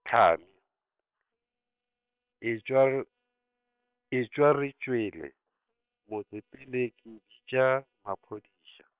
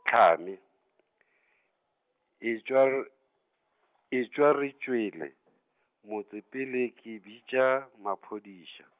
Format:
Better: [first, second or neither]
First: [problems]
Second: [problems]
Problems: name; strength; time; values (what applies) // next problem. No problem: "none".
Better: second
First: noise reduction (neural separator model SepFormer WHAM!)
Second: none